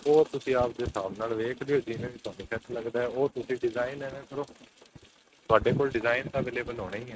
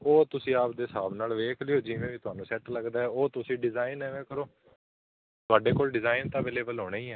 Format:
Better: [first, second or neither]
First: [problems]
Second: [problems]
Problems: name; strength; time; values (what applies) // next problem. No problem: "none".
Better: second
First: noise reduction (neural mask model RNNoise)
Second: none